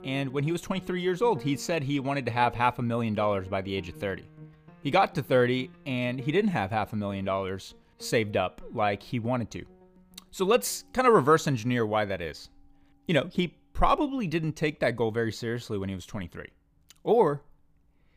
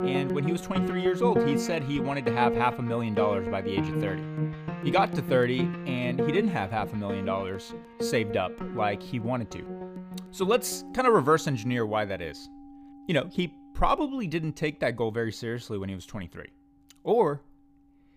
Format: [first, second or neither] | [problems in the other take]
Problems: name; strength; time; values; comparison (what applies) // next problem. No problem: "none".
first | background music; loud; throughout; 4 dB below the speech; faint in the first